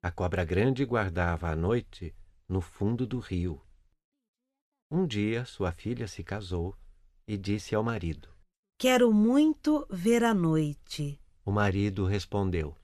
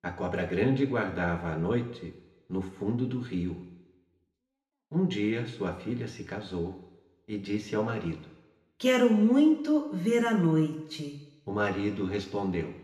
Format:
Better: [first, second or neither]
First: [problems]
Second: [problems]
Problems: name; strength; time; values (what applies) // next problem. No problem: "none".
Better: first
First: none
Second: room echo; slight; dies away in 0.8 s // off-mic speech; somewhat distant